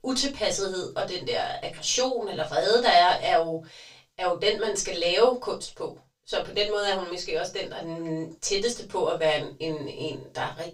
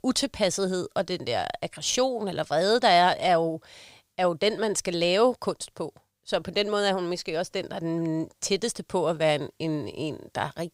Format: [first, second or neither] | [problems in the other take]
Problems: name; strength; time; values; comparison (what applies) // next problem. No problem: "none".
second | room echo; slight; dies away in 0.2 s // off-mic speech; far